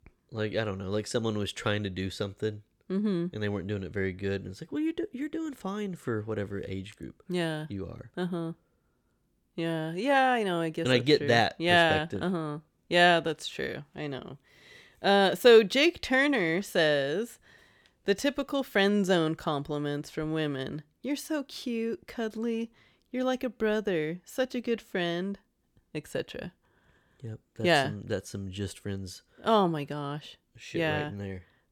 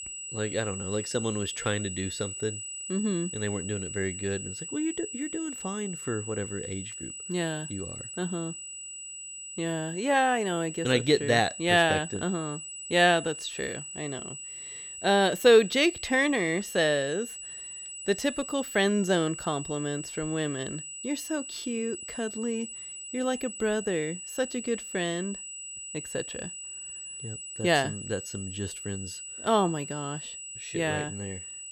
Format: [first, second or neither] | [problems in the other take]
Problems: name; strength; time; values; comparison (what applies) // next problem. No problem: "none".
first | high-pitched whine; loud; throughout; 8 kHz, 8 dB below the speech